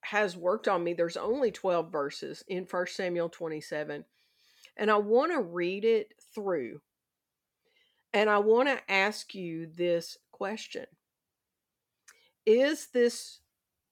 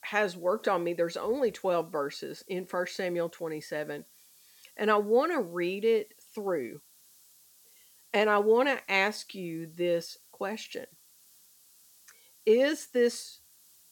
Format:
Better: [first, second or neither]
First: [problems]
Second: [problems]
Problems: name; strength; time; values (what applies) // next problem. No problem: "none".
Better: first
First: none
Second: hiss; faint; throughout; 25 dB below the speech